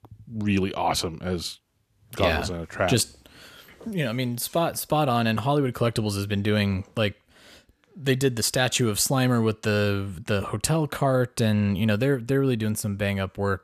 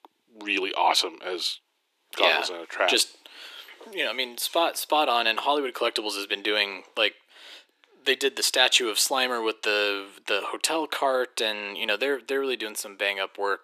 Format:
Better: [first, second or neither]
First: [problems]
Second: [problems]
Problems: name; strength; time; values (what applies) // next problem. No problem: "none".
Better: first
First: none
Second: thin; very; fading below 300 Hz